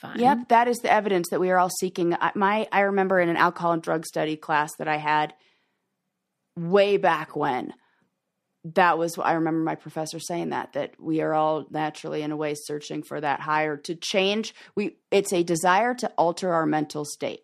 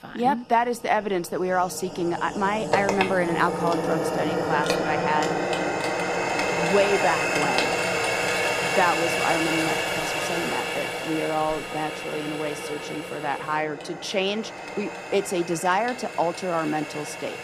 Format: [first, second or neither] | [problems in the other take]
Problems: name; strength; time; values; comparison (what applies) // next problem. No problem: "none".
first | household noises; very loud; throughout; as loud as the speech